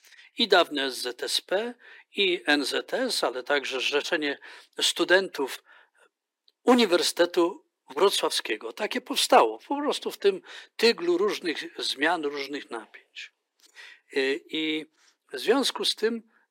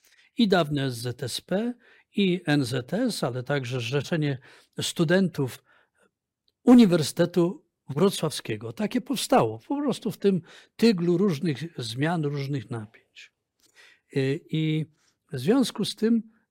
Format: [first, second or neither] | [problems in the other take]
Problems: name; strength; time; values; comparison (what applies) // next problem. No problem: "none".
second | thin; somewhat; fading below 300 Hz